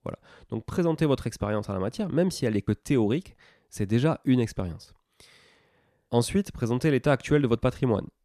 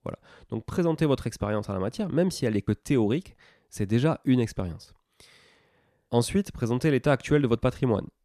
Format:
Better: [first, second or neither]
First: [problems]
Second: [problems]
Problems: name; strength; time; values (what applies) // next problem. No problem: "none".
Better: neither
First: none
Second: none